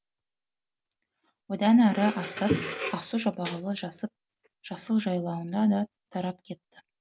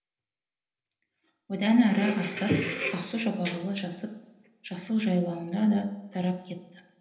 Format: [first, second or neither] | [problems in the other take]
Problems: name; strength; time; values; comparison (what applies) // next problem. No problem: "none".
first | room echo; dies away in 0.8 s